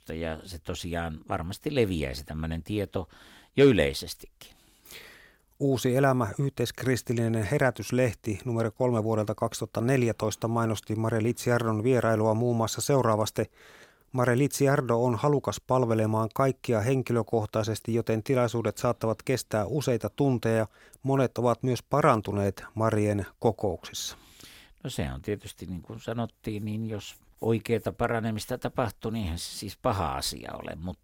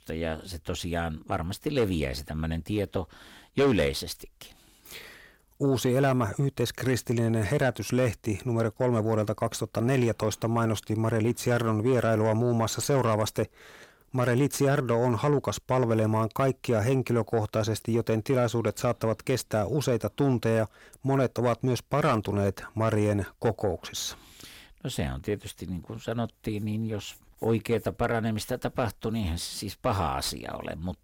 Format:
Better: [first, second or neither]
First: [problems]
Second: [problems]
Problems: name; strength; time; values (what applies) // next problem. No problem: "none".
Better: first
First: none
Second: distortion; slight; 10 dB below the speech